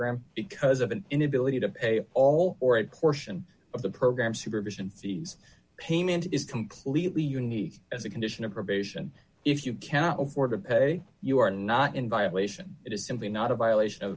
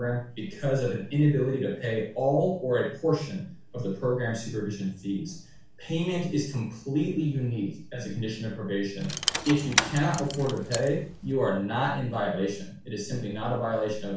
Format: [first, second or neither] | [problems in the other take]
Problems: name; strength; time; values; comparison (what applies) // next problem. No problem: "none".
first | background sound (Rattle / Keys jangling); 4 dB below the speech // room echo; dies away in 0.4 s